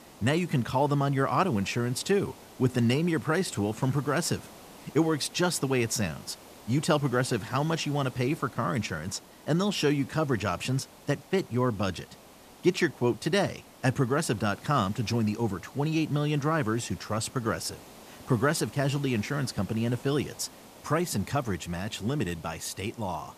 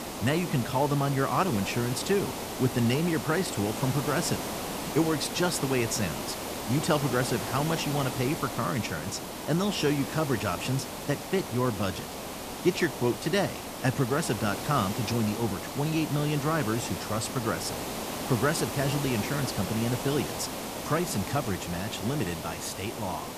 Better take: first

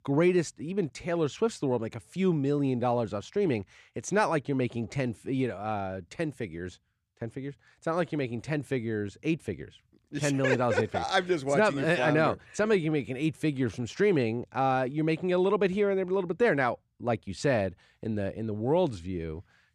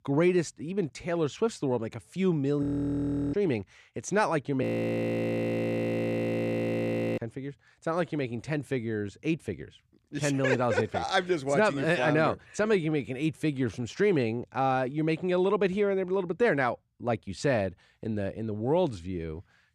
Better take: first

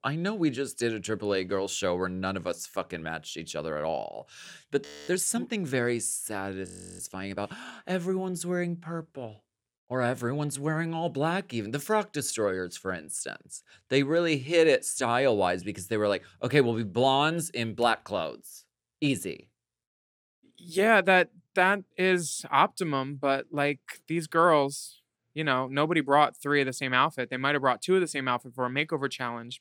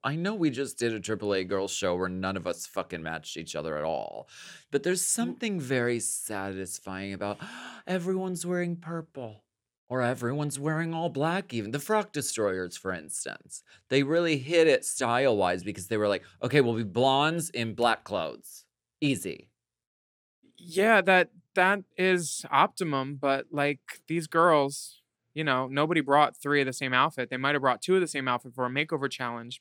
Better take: second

